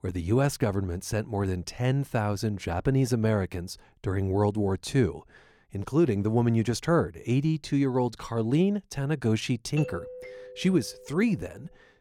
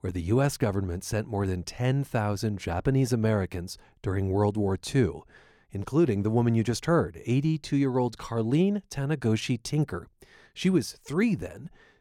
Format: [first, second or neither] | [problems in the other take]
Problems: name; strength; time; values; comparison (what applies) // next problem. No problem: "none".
second | doorbell; faint; from 10 to 11 s; peak 10 dB below the speech